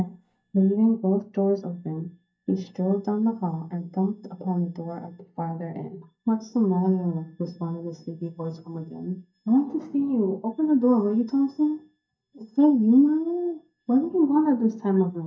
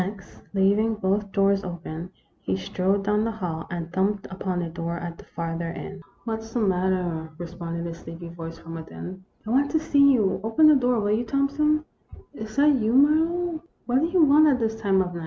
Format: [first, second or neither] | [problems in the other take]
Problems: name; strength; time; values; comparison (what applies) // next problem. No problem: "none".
second | noise reduction (neural mask model DeepFilterNet 3)